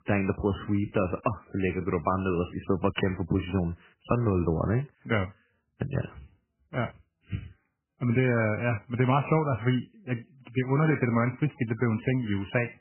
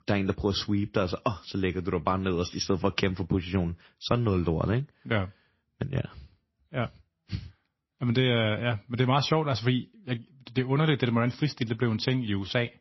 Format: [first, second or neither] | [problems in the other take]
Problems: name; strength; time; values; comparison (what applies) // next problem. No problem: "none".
second | garbled, watery; badly; nothing above 3 kHz; slightly in the second